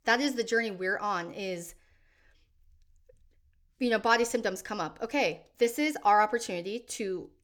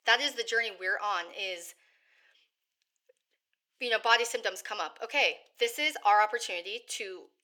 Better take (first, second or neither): first